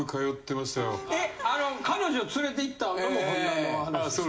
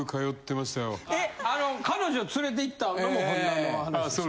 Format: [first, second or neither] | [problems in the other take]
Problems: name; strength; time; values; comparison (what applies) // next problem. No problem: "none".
second | background sound (Plucked string instrument); 13 dB below the speech // room echo; dies away in 0.7 s